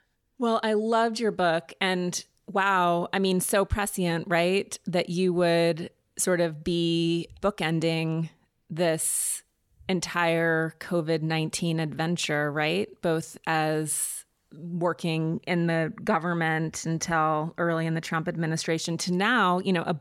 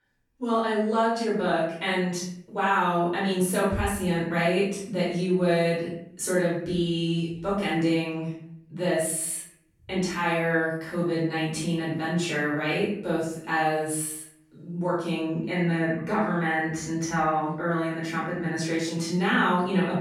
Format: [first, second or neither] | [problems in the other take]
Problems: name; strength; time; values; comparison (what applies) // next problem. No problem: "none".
first | off-mic speech; far // room echo; noticeable; dies away in 0.6 s